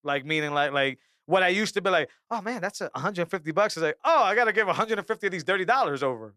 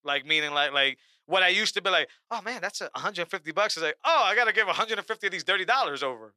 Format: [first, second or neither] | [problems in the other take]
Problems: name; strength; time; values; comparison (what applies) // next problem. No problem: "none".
first | thin; somewhat; fading below 550 Hz